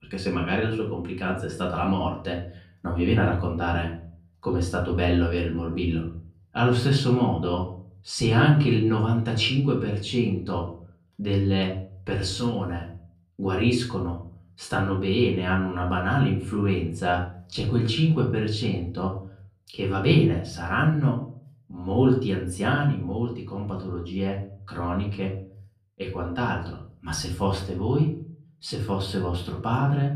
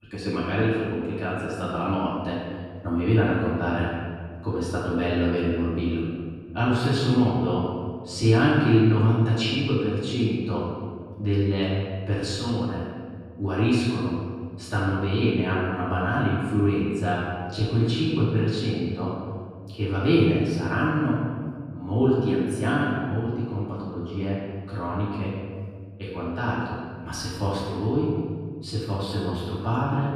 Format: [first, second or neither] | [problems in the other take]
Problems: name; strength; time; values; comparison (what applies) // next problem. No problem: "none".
first | room echo; strong; dies away in 1.6 s; slight in the first // off-mic speech; far; far in the first